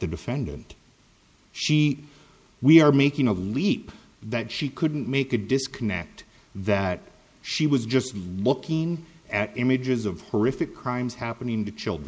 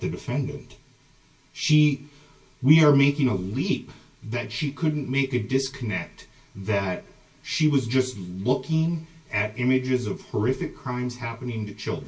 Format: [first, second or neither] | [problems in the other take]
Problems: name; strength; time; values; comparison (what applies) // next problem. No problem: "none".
first | room echo; dies away in 0.2 s